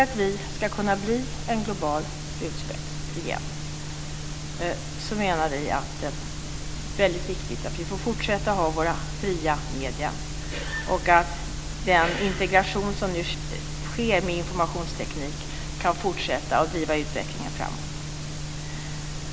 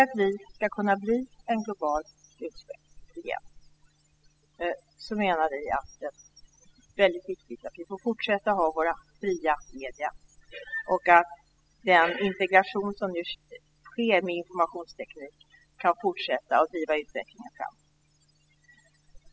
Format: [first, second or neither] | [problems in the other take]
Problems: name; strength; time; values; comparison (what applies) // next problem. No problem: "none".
first | noise reduction (classical method spectral subtraction)